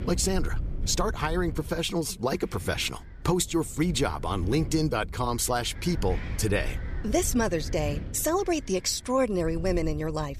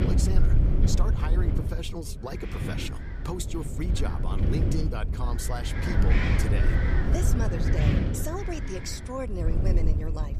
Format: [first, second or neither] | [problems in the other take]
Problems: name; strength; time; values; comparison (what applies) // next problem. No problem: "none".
first | wind noise on the microphone; heavy; as loud as the speech; occasional gusts in the first